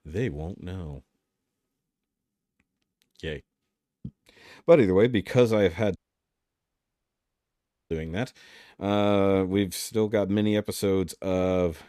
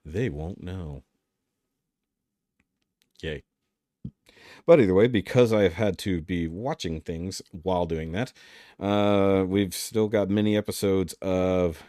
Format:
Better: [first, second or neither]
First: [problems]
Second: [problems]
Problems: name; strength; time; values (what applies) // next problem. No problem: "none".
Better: second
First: audio cutting out; at 6 s for 2 s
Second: none